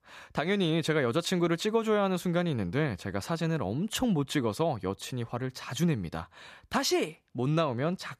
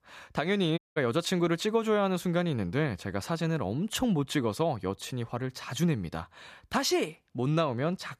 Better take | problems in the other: first | audio cutting out; at 1 s

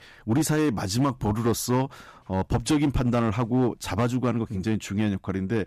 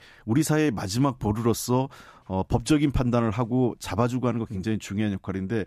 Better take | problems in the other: second | distortion; slight; 7% of the sound clipped

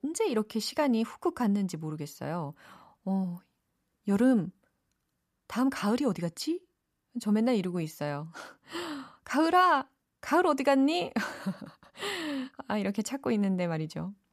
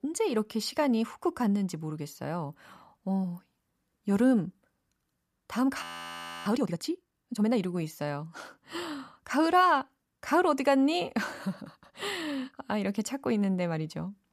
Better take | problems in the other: first | audio freezing; at 6 s for 0.5 s

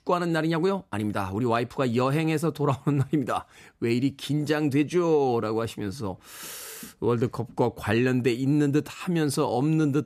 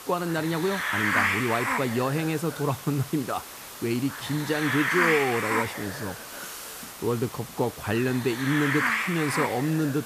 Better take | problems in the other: first | hiss; loud; throughout; 1 dB below the speech

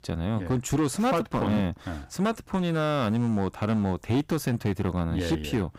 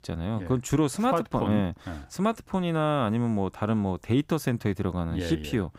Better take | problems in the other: second | distortion; slight; 10% of the sound clipped

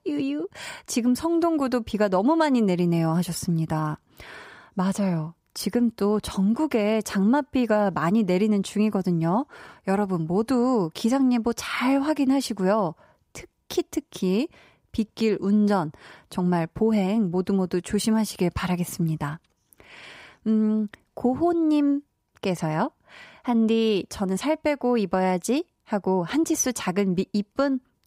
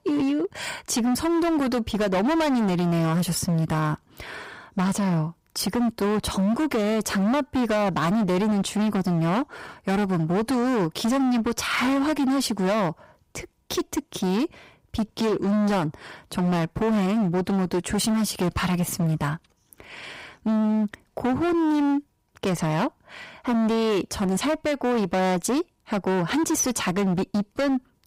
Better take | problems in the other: first | distortion; heavy; 26% of the sound clipped

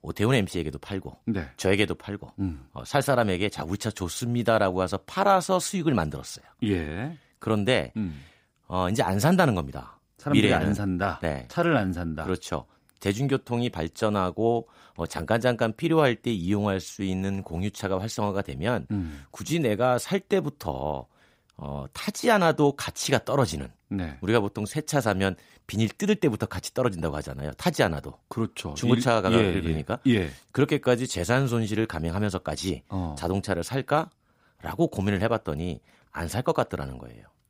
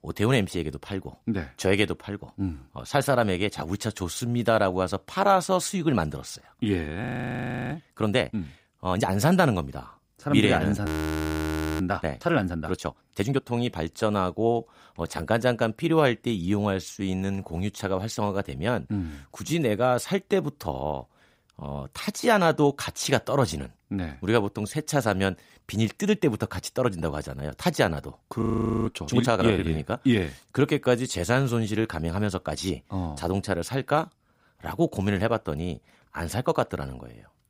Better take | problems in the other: first | audio freezing; at 7 s for 0.5 s, at 11 s for 1 s and at 28 s

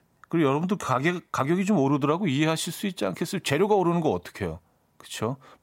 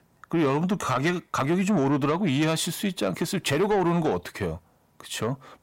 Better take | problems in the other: first | distortion; slight; 10 dB below the speech

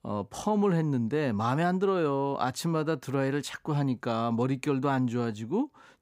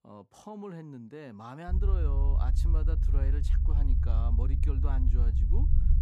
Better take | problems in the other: first | low rumble; loud; from 1.5 s on; 3 dB below the speech

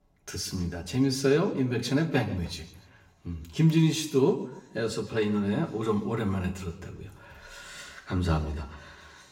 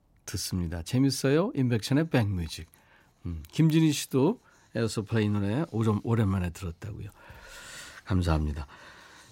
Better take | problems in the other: second | room echo; slight; dies away in 0.7 s // off-mic speech; somewhat distant

